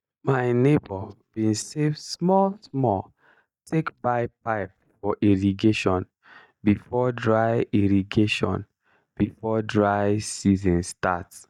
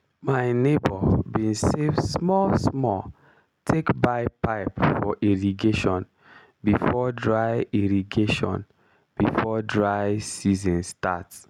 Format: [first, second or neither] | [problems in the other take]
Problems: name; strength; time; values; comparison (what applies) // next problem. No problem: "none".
second | noise reduction (neural mask model DeepFilterNet 3)